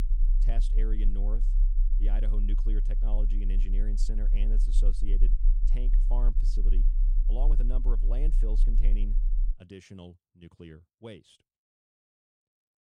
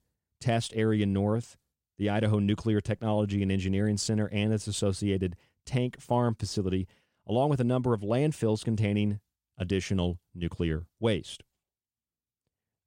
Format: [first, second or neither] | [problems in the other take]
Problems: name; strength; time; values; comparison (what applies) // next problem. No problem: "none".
second | low rumble; loud; until 9.5 s; 8 dB below the speech